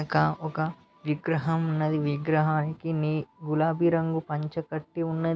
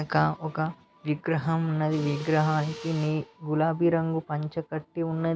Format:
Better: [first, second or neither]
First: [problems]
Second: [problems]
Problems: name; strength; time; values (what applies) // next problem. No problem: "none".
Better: first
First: none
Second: background sound (Mechanisms); 17 dB below the speech